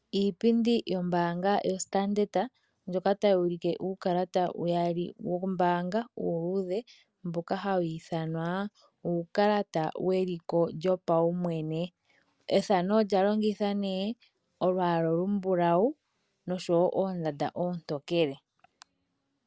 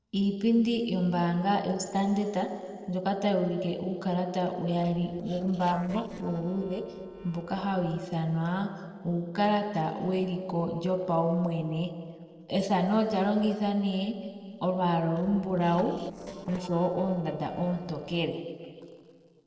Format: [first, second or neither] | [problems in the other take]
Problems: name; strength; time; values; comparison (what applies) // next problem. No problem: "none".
first | noise reduction (neural separator model SepFormer DNS4)